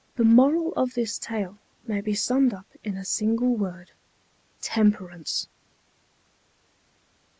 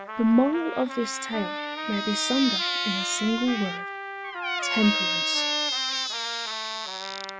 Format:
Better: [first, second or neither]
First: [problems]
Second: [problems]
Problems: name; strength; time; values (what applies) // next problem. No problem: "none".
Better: first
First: none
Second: background sound (Squeak + Trumpet); 2 dB below the speech